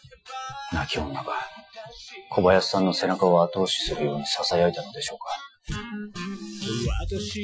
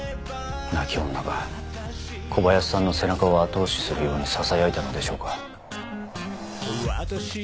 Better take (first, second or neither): second